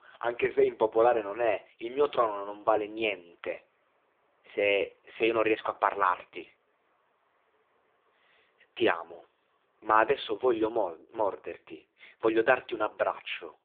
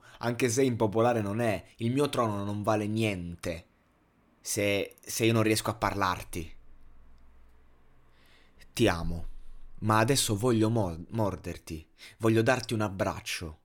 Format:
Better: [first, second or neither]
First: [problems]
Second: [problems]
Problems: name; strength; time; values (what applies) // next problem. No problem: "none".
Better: second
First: phone-call audio; poor line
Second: none